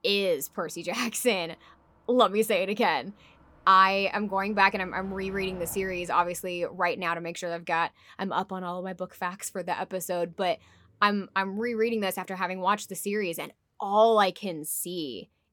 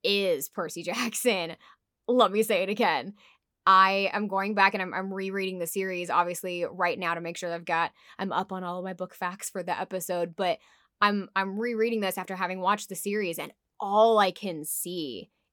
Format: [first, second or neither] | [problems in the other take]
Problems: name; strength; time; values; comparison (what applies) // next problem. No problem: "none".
second | traffic noise; faint; throughout; 25 dB below the speech